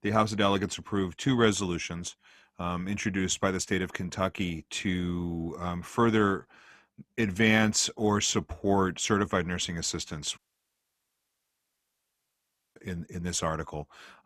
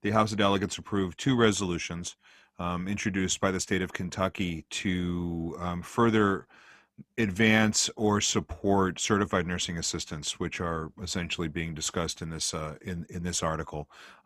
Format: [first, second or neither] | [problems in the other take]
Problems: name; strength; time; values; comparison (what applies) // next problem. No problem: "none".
second | audio cutting out; at 10 s for 2.5 s